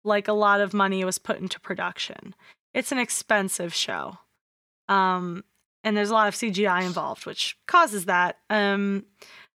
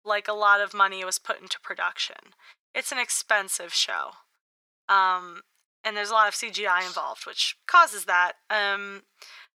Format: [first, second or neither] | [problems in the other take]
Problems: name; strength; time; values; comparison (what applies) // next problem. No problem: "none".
first | thin; very; fading below 750 Hz